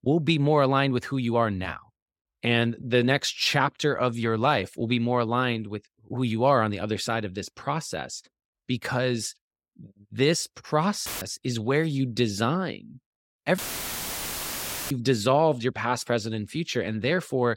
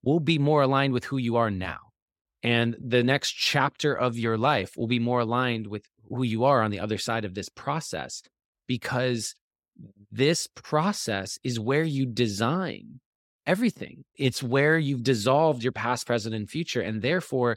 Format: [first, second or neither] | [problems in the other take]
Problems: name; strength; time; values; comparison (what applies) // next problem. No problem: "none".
second | audio cutting out; filled with static; at 11 s and at 14 s for 1.5 s